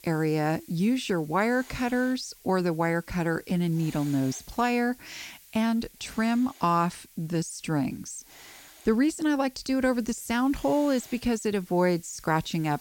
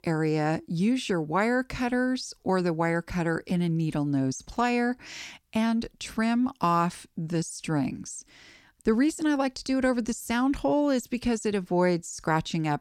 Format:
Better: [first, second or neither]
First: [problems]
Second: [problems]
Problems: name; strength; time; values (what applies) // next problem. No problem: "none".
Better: second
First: hiss; faint; throughout; 20 dB below the speech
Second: none